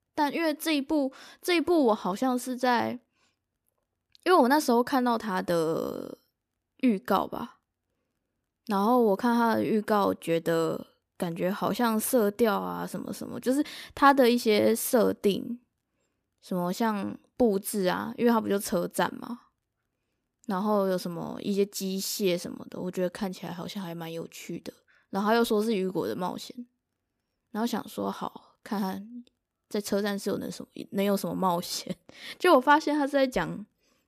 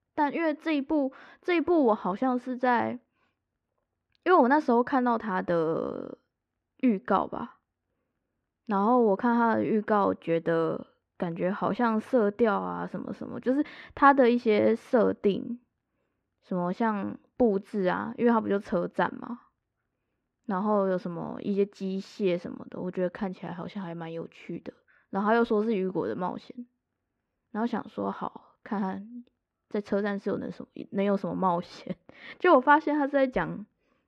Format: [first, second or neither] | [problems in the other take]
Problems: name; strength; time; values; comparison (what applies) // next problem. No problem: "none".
first | muffled; very; fading above 2 kHz